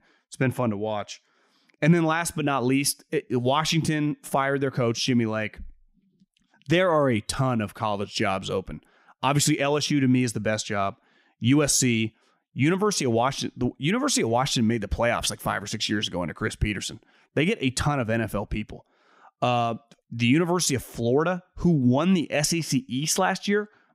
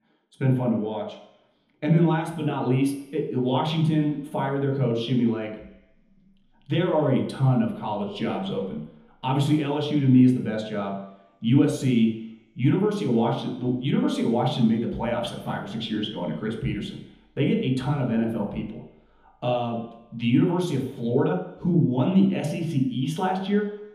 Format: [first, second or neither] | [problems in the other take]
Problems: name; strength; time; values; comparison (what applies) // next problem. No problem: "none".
first | room echo; noticeable; dies away in 1 s // off-mic speech; far